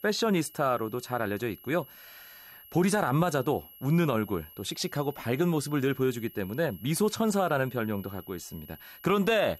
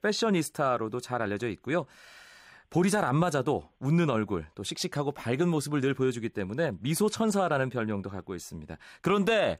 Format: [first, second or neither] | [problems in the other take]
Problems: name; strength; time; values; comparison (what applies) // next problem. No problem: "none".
second | high-pitched whine; noticeable; throughout; 11.5 kHz, 20 dB below the speech